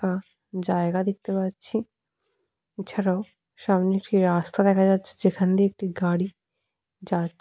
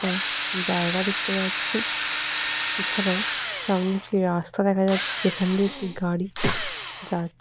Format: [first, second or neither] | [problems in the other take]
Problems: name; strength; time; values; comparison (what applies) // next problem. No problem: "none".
first | background sound (Breathing + Drill); 3 dB below the speech